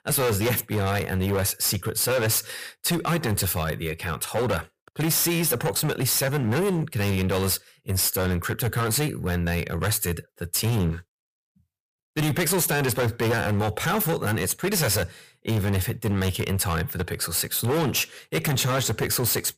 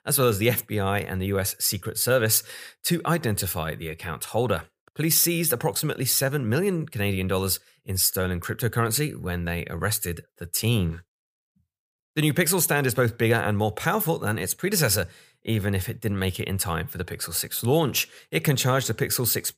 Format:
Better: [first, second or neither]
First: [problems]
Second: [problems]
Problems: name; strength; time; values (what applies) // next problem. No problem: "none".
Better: second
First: distortion; heavy; 19% of the sound clipped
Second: none